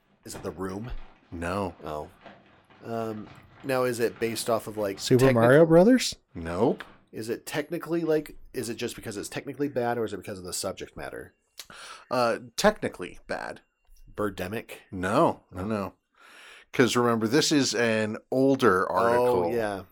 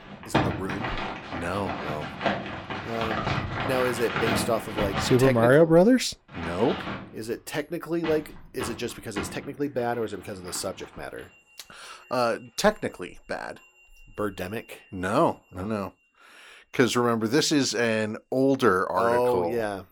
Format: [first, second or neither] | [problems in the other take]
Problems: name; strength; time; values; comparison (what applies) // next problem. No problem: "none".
first | household noises; loud; throughout; 6 dB below the speech; faint in the first